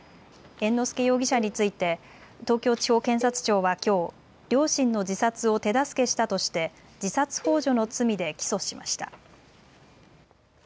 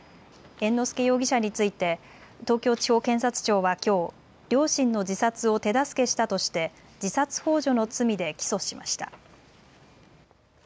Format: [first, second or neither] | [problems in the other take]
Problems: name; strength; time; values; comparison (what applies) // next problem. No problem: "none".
second | background sound (Cowbell); 16 dB below the speech